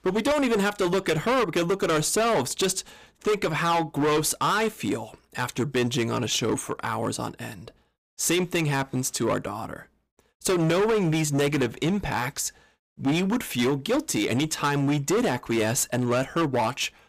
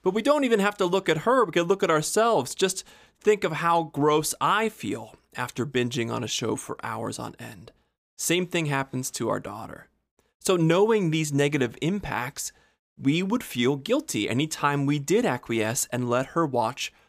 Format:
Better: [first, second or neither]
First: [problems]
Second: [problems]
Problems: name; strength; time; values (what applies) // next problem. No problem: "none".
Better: second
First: distortion; heavy; 15% of the sound clipped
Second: none